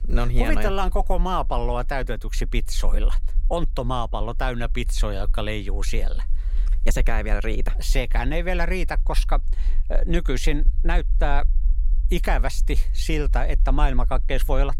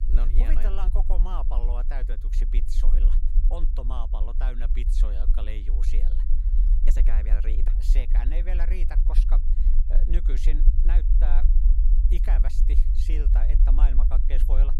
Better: first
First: low rumble; faint; throughout; 25 dB below the speech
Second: low rumble; loud; throughout; 7 dB below the speech

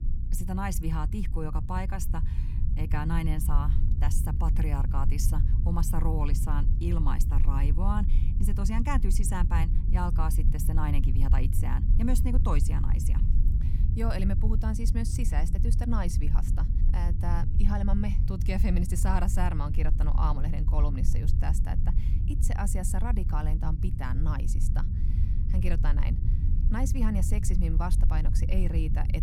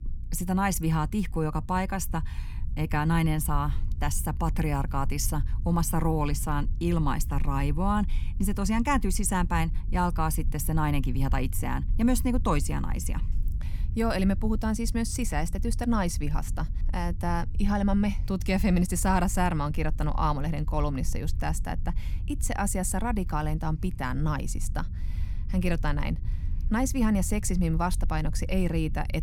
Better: second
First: low rumble; loud; throughout; 8 dB below the speech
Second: low rumble; faint; throughout; 20 dB below the speech

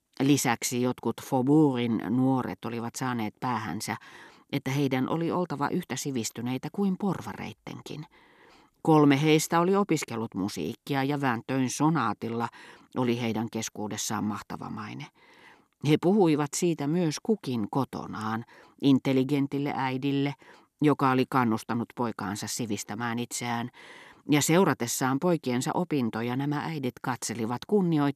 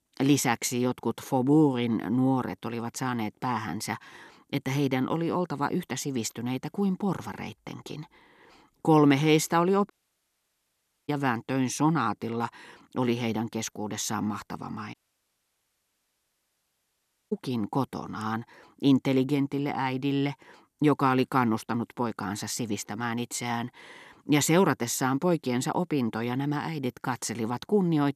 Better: first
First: none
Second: audio cutting out; at 10 s for 1 s and at 15 s for 2.5 s

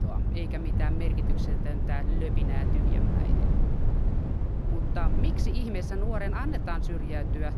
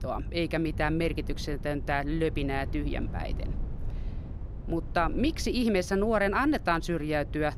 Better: second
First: low rumble; loud; throughout; 2 dB below the speech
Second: low rumble; faint; throughout; 20 dB below the speech

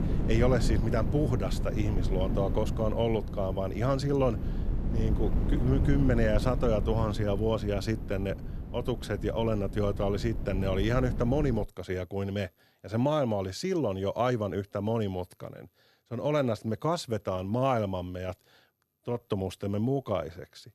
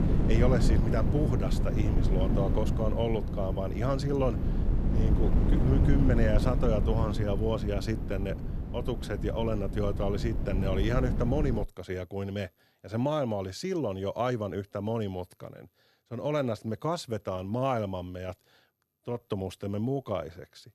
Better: first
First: wind noise on the microphone; occasional gusts; until 12 s; 10 dB below the speech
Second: wind noise on the microphone; heavy; until 12 s; 6 dB below the speech

